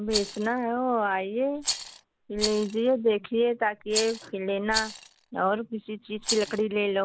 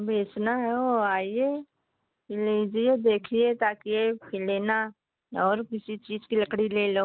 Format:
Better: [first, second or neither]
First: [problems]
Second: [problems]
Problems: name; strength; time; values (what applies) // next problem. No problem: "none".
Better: second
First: background sound (Rattle); 9 dB below the speech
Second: none